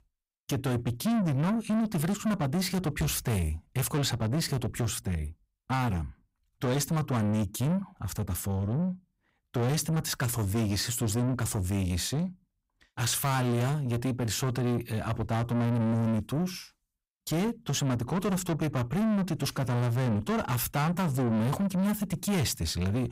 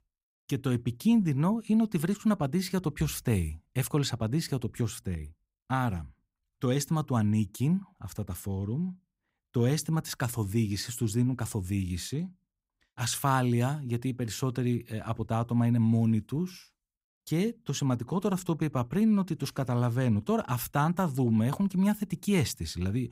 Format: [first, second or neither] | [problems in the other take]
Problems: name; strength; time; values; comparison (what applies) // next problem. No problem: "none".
second | distortion; heavy; 7 dB below the speech